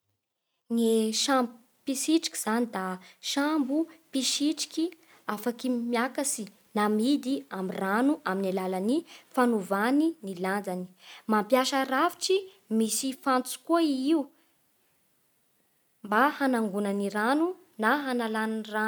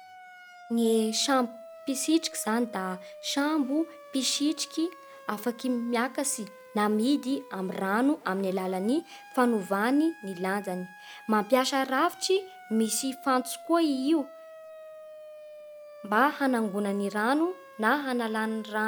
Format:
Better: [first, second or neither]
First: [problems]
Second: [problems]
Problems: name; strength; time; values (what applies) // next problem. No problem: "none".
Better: first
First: none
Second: background sound (Siren); 19 dB below the speech